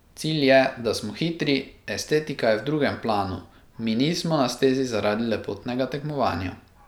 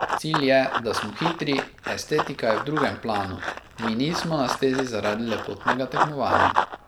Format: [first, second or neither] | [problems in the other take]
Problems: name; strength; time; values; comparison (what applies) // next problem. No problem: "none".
first | background sound (Run); 2 dB below the speech